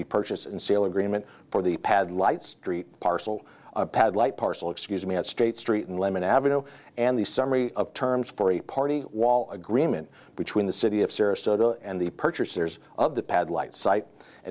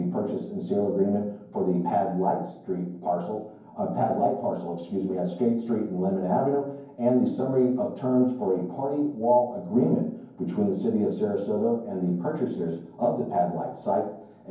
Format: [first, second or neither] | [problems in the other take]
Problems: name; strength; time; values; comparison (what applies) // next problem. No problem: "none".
first | room echo; dies away in 0.9 s